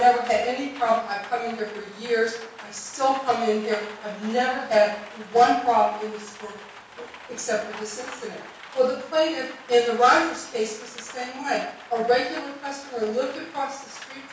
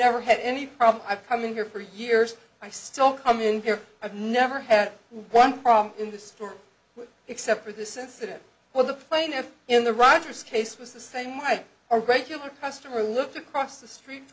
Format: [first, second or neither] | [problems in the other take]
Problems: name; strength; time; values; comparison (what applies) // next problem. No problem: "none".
second | background sound (Rain); 18 dB below the speech // room echo; dies away in 0.6 s